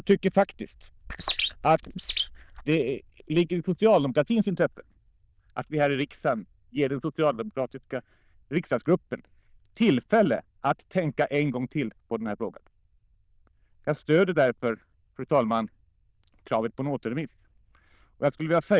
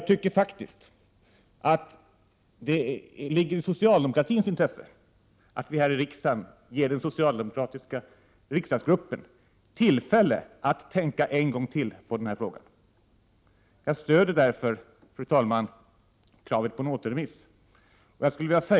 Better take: second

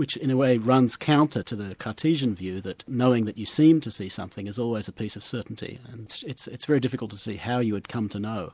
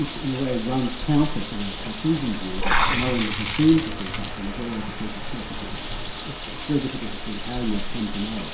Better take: first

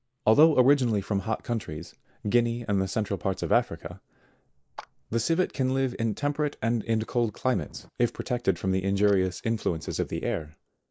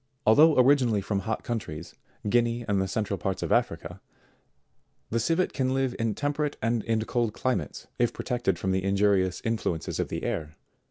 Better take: second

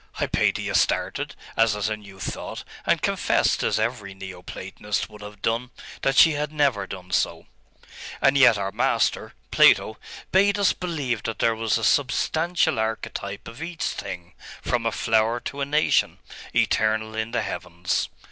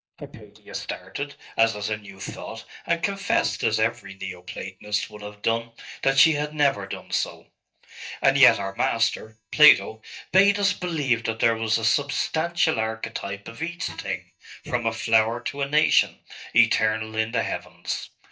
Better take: first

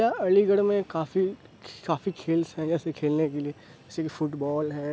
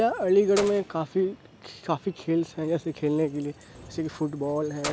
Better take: first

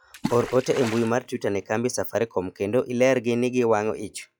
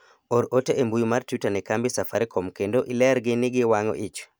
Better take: second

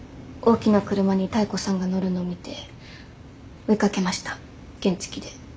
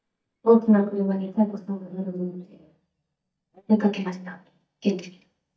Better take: first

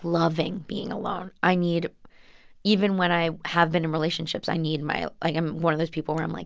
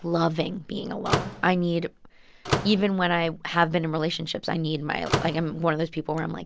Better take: first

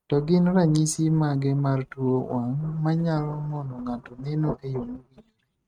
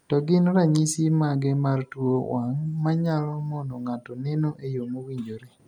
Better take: second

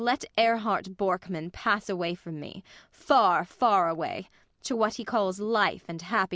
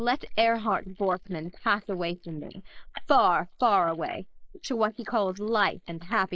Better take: first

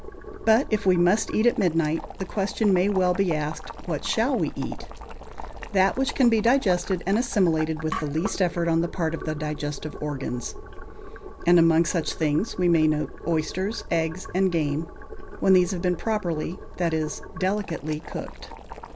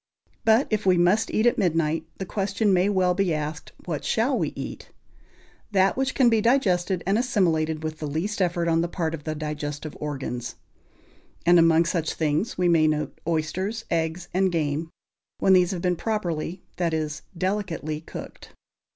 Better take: second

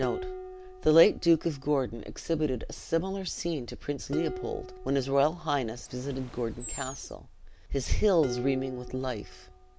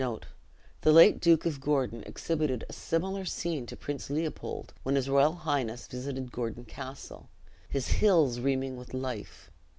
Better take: second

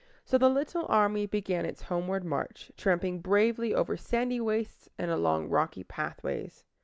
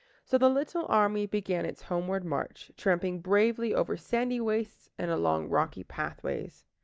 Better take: first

